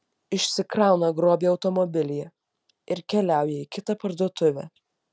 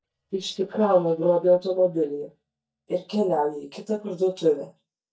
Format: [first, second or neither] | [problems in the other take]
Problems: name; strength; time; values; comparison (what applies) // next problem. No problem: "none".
first | noise reduction (neural mask model DeepFilterNet 3)